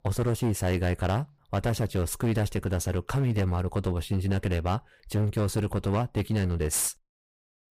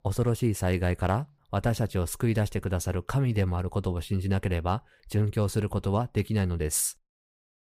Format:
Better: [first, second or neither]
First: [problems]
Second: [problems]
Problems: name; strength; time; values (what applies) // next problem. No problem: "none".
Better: second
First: distortion; slight; 16% of the sound clipped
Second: none